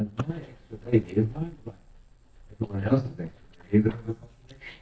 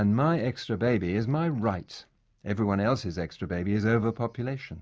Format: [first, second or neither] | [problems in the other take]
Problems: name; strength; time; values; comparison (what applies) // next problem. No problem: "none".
second | noise reduction (neural mask model DeepFilterNet 3)